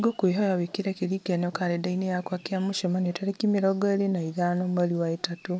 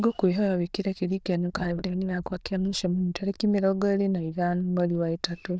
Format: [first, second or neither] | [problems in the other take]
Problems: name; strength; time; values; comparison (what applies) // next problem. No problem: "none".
first | noise reduction (neural diffusion model UNIVERSE++)